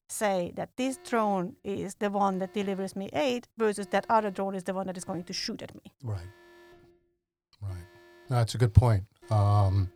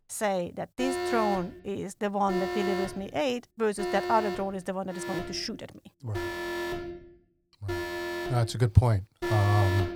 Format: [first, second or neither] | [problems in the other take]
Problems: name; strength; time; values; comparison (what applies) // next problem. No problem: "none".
first | alarms or sirens; loud; throughout; 5 dB below the speech; faint in the first